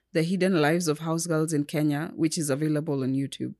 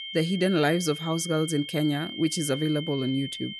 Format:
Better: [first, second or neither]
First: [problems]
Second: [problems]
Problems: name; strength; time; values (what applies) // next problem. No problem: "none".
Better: first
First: none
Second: high-pitched whine; loud; throughout; 3 kHz, 9 dB below the speech